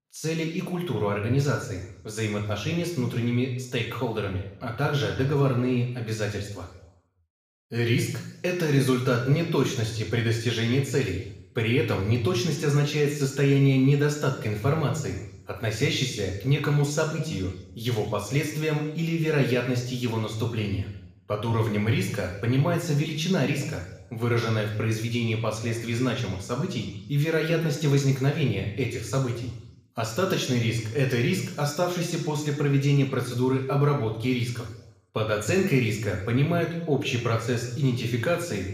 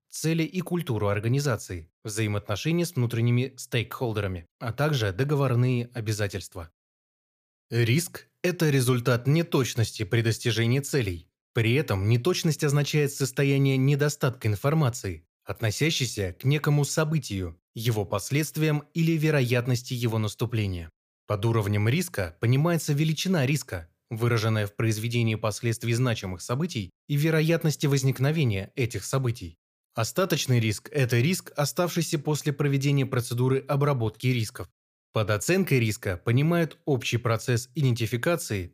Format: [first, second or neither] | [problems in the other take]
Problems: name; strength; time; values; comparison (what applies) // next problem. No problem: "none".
second | room echo; noticeable; dies away in 0.9 s // off-mic speech; somewhat distant